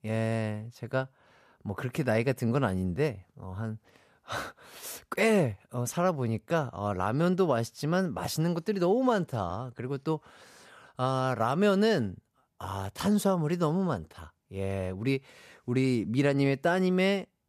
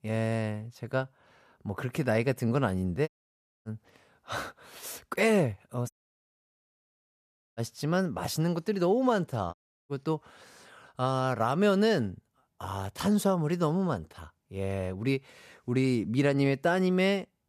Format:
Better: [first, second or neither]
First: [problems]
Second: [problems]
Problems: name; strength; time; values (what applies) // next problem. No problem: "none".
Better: first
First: none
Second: audio cutting out; at 3 s for 0.5 s, at 6 s for 1.5 s and at 9.5 s